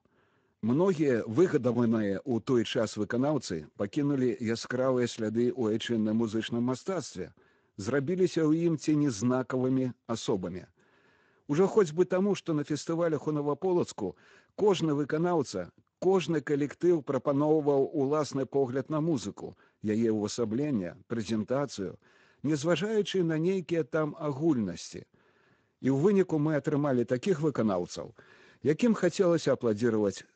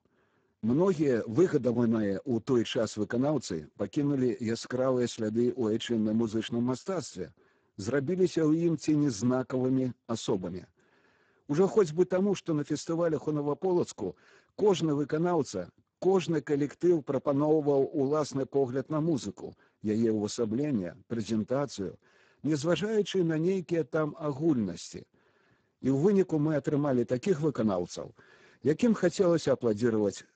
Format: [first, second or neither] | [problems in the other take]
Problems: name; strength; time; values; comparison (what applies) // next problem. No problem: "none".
first | garbled, watery; badly; nothing above 8 kHz; slightly in the first